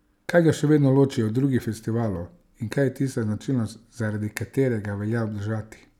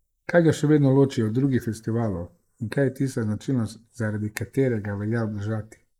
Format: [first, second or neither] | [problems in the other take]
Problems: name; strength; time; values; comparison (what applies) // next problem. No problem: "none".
first | noise reduction (neural mask model Resemble Enhance denoiser)